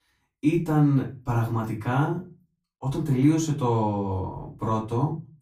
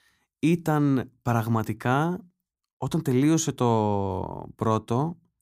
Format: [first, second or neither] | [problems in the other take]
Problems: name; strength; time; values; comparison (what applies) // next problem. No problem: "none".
second | room echo; slight; dies away in 0.3 s // off-mic speech; far